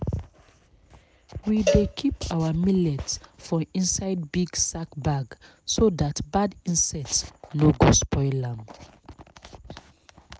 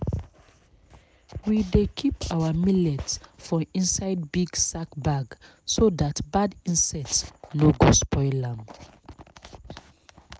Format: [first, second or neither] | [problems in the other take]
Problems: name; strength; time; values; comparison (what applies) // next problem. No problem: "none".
second | background sound (Cowbell); 6 dB below the speech